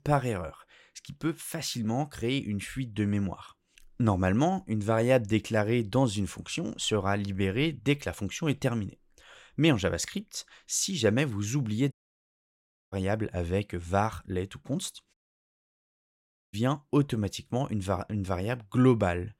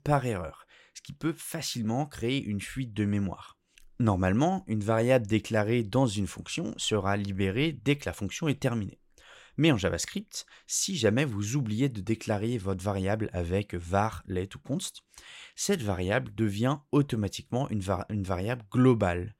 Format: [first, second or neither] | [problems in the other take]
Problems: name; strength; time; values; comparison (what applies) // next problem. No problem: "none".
second | audio cutting out; at 12 s for 1 s and at 15 s for 1.5 s